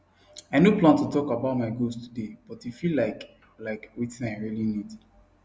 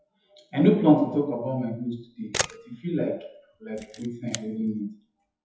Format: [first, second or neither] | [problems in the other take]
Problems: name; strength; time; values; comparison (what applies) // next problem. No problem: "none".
first | noise reduction (classical method WPE with log-MMSE)